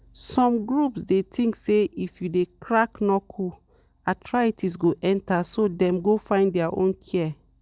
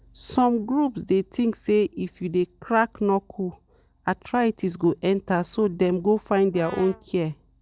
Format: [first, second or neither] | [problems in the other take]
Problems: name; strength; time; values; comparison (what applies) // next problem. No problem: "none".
first | background sound (Brass instrument); 18 dB below the speech